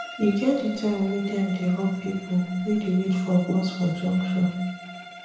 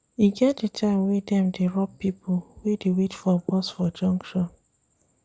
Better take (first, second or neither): second